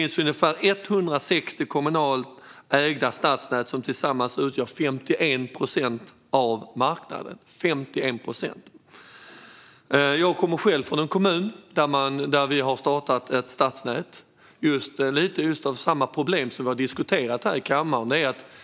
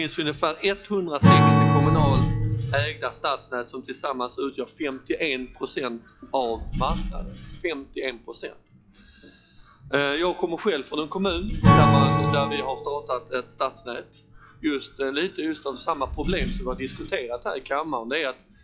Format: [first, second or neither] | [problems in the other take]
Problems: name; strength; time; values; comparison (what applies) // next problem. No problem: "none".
first | noise reduction (classical method log-MMSE)